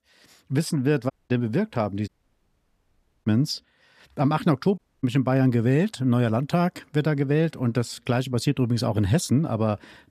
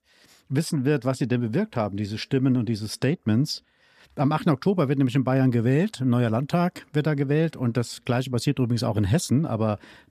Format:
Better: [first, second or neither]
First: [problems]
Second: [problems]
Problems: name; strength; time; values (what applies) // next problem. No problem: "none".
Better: second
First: audio cutting out; at 1 s, at 2 s for 1 s and at 5 s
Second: none